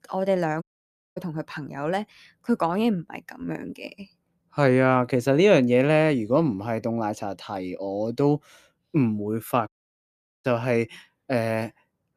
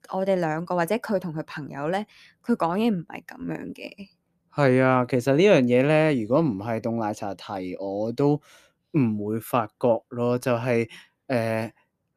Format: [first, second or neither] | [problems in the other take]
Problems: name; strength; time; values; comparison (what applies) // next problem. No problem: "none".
second | audio cutting out; at 0.5 s for 0.5 s and at 9.5 s for 1 s